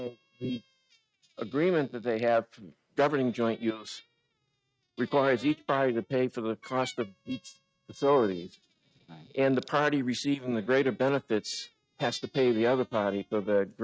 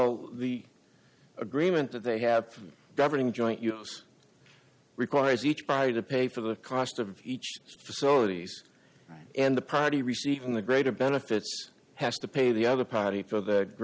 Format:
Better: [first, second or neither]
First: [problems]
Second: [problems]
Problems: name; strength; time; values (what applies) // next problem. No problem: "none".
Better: second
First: noise reduction (neural mask model RNNoise)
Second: none